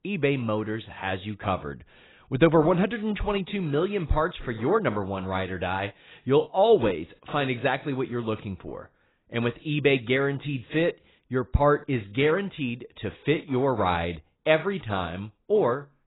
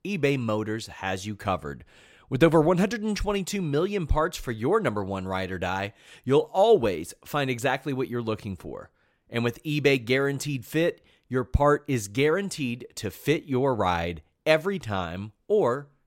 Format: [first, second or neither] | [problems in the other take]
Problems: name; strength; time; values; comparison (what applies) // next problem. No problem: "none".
second | garbled, watery; badly; nothing above 4 kHz